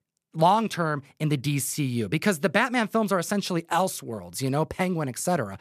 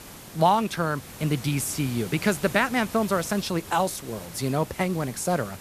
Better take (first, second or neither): first